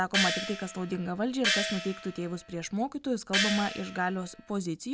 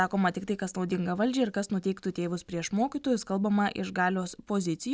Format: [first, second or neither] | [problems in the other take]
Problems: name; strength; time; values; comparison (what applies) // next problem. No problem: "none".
second | background sound (Gong); 2 dB below the speech